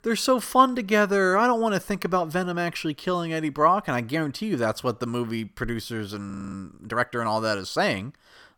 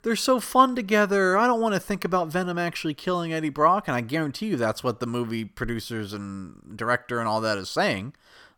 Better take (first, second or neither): second